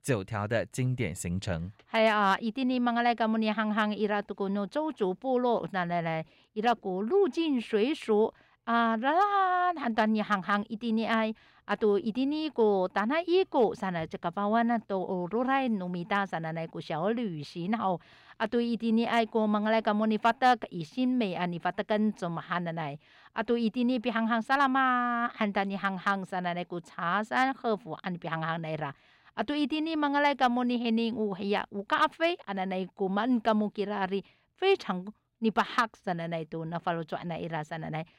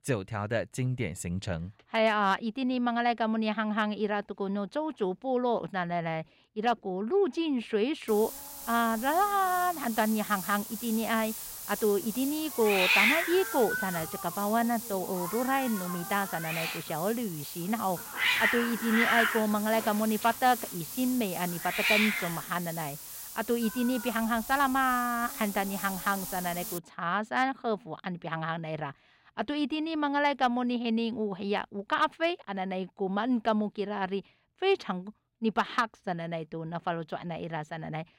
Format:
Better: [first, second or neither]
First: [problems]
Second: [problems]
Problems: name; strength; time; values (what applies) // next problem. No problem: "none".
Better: first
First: none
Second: hiss; loud; from 8 to 27 s; 2 dB below the speech